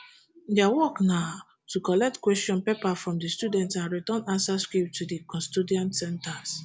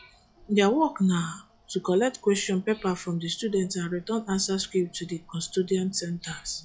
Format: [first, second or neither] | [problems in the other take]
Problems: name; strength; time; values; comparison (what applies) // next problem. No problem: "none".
first | noise reduction (classical method log-MMSE)